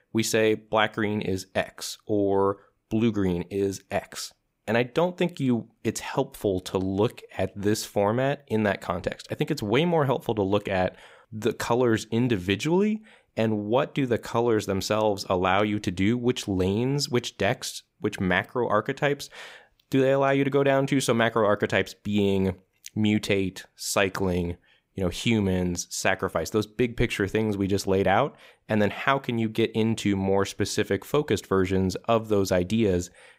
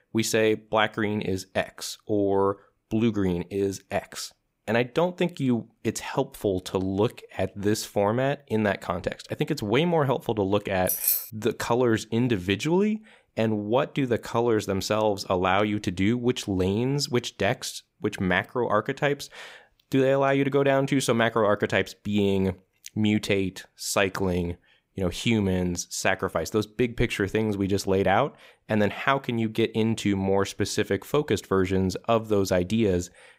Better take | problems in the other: first | jangling keys; loud; at 11 s; peak 3 dB above the speech

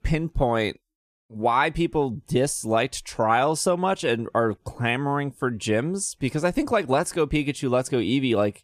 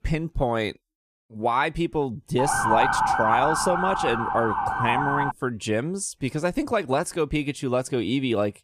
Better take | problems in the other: first | siren; loud; from 2.5 to 5.5 s; peak 5 dB above the speech

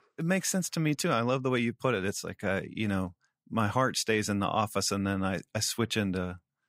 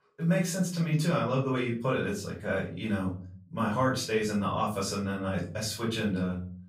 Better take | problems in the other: first | off-mic speech; far // room echo; slight; dies away in 0.4 s

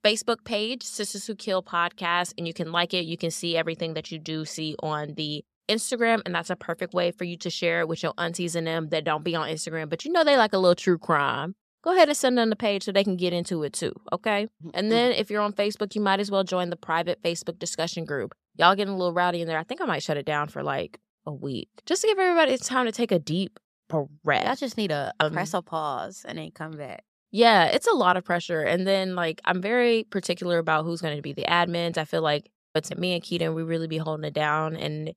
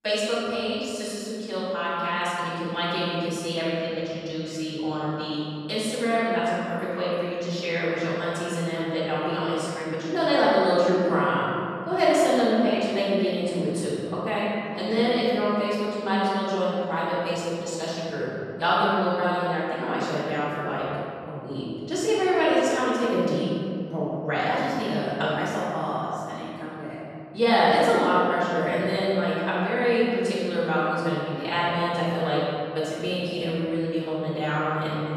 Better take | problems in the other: first | off-mic speech; far // room echo; strong; dies away in 2.4 s

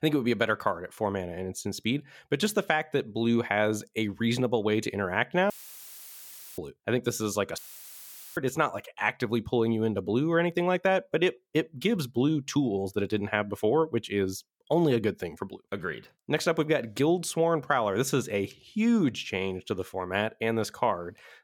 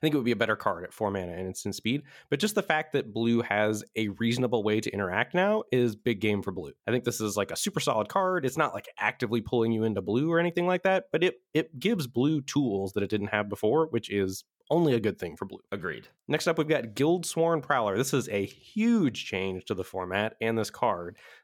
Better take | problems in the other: second | audio cutting out; filled with static; at 5.5 s for 1 s and at 7.5 s for 1 s

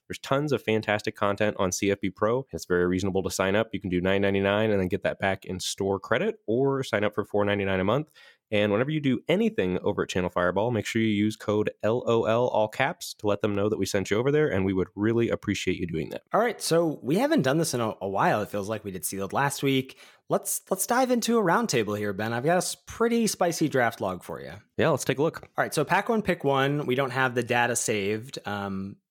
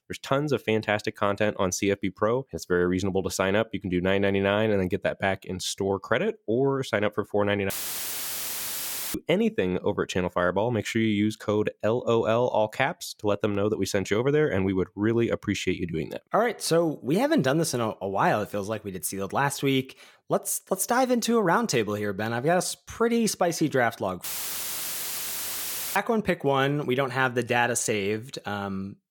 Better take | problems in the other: first | audio cutting out; filled with static; at 7.5 s for 1.5 s and at 24 s for 1.5 s

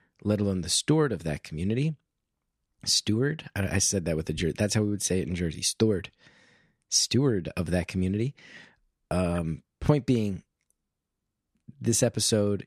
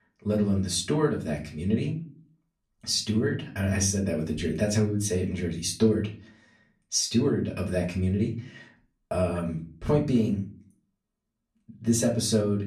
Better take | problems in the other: first | off-mic speech; far // room echo; very slight; dies away in 0.4 s

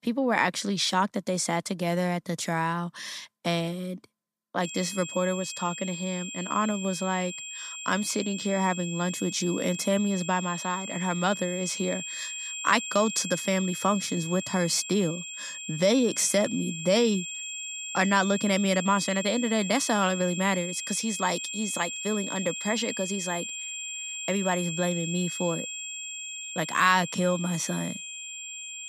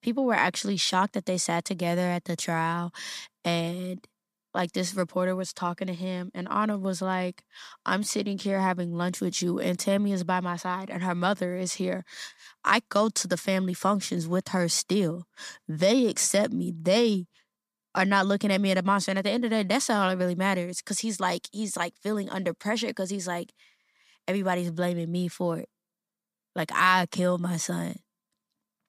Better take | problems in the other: second | high-pitched whine; loud; from 4.5 s on; 2.5 kHz, 7 dB below the speech

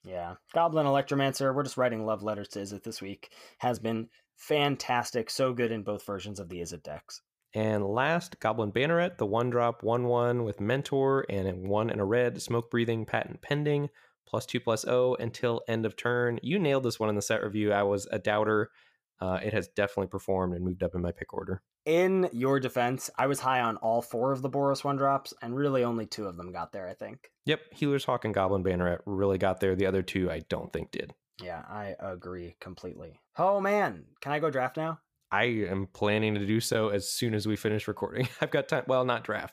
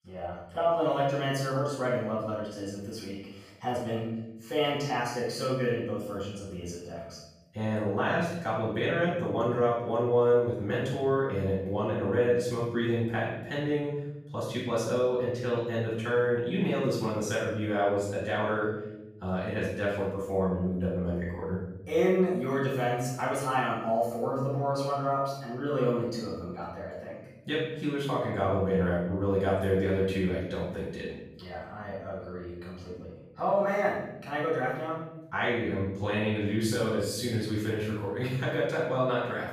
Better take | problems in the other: first | off-mic speech; far // room echo; noticeable; dies away in 0.9 s

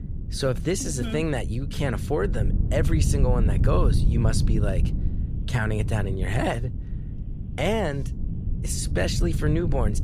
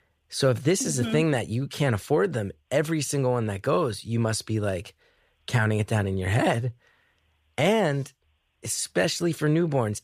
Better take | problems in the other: second | wind noise on the microphone; occasional gusts; 10 dB below the speech

